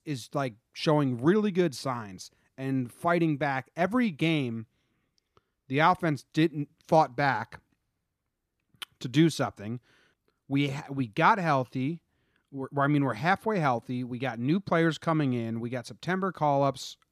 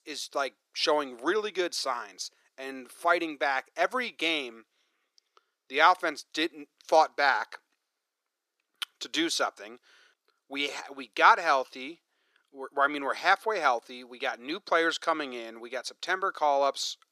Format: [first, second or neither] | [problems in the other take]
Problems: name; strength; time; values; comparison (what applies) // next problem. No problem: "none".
first | thin; very; fading below 400 Hz